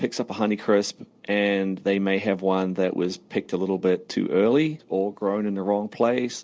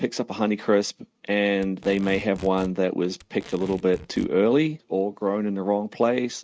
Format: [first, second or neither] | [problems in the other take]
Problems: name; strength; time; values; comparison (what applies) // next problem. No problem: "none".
first | noise reduction (neural mask model RNNoise)